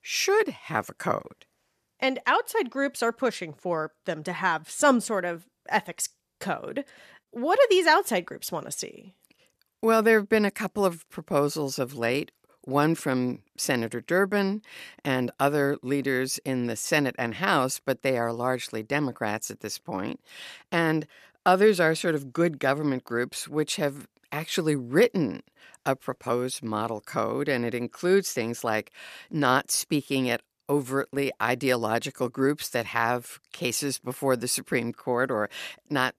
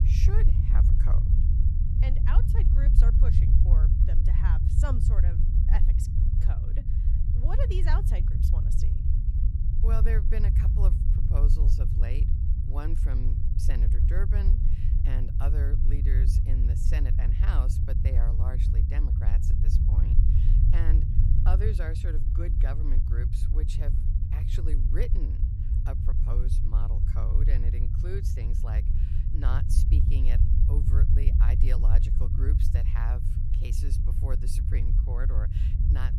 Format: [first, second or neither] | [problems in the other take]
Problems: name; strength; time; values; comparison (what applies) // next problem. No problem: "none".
first | low rumble; loud; throughout; 1 dB below the speech